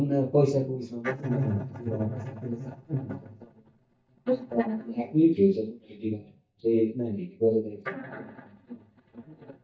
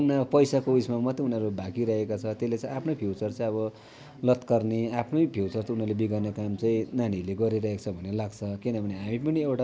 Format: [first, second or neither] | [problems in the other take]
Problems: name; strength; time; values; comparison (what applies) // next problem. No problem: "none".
second | noise reduction (neural mask model DeepFilterNet 3)